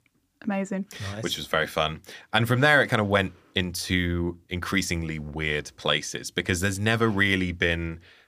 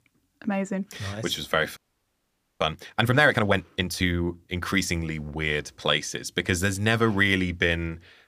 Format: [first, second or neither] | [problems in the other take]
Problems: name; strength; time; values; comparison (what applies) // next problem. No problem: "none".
first | audio freezing; at 2 s for 1 s